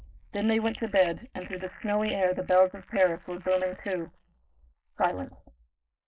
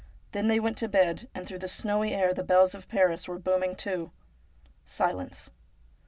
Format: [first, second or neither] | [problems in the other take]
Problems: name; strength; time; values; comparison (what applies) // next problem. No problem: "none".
second | noise reduction (neural mask model Resemble Enhance denoiser)